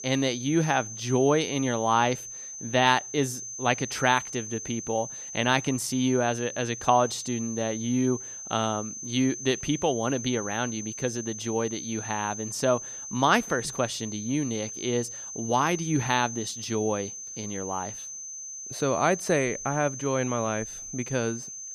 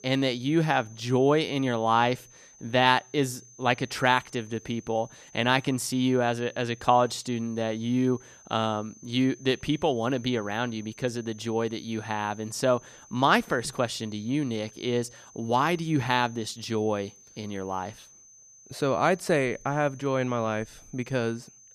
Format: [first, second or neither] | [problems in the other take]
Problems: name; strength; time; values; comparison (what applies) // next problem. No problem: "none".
second | high-pitched whine; loud; throughout; 6 kHz, 8 dB below the speech; faint in the second